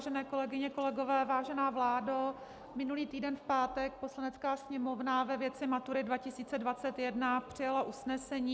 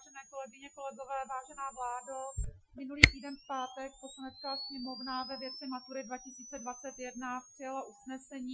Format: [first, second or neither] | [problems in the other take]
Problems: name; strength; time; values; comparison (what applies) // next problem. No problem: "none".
first | noise reduction (classical method Wiener filter)